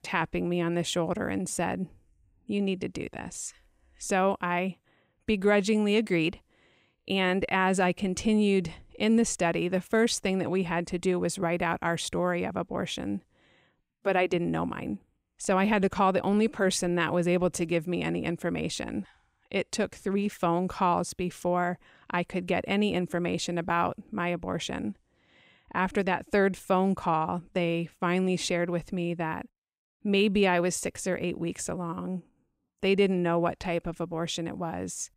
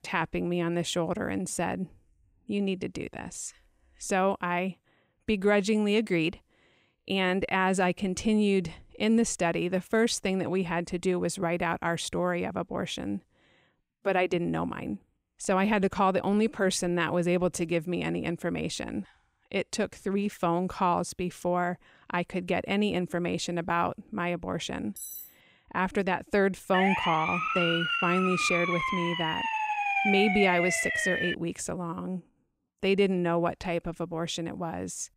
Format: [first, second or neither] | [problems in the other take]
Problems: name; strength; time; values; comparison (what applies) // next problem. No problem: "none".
first | clattering dishes; noticeable; at 25 s; peak 10 dB below the speech // siren; loud; from 27 to 31 s; peak 3 dB above the speech